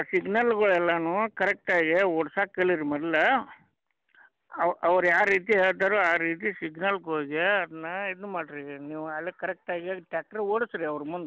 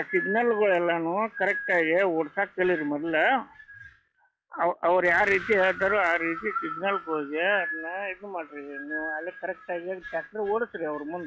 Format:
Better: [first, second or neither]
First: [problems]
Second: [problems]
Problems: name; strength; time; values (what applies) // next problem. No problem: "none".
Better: first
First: none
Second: noise reduction (classical method log-MMSE)